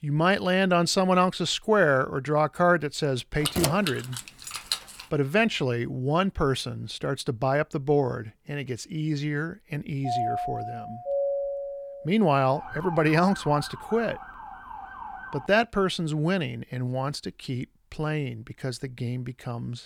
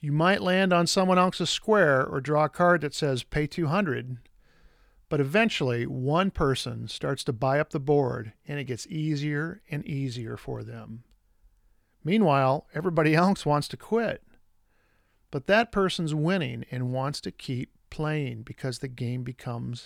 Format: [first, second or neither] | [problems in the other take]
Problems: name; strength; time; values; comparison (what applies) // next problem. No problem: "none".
second | jangling keys; noticeable; from 3.5 to 5 s; peak 1 dB below the speech // doorbell; noticeable; from 10 to 12 s; peak 1 dB below the speech // siren; noticeable; from 13 to 15 s; peak 10 dB below the speech